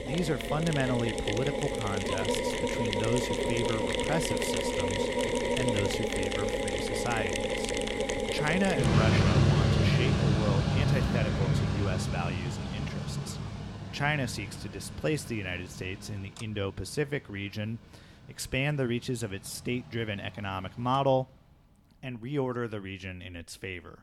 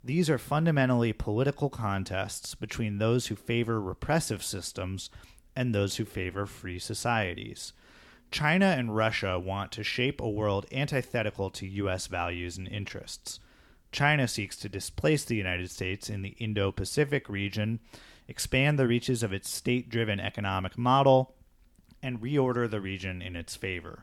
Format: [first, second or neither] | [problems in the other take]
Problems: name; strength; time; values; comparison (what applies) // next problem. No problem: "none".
second | machinery noise; very loud; throughout; 4 dB above the speech